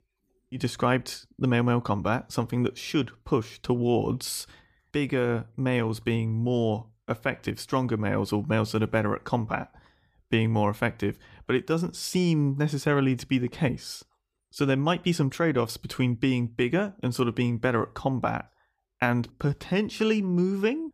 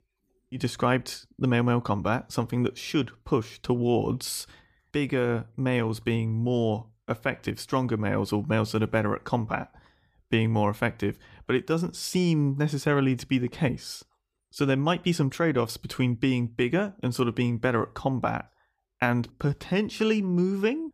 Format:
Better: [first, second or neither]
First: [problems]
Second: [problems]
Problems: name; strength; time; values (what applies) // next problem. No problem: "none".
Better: neither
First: none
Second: none